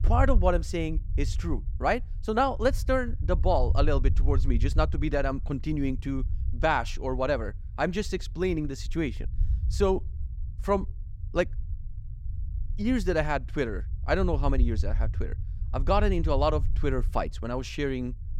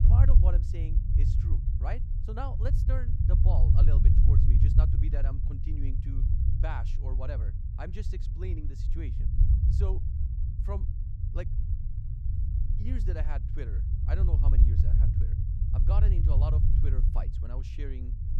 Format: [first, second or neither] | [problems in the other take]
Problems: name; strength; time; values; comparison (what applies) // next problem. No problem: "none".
first | low rumble; loud; throughout; 1 dB below the speech; faint in the first